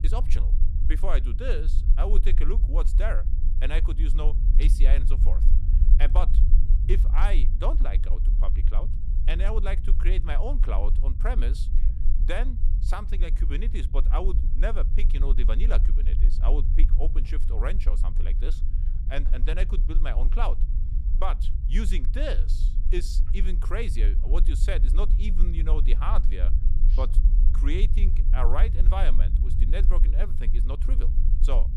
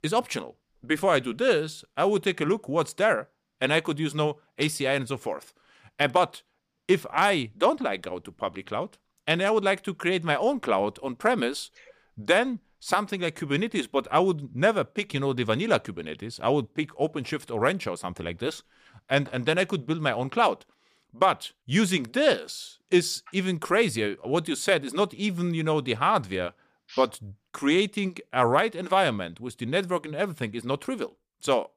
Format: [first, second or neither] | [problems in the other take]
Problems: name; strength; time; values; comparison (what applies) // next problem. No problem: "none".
second | low rumble; noticeable; throughout; 10 dB below the speech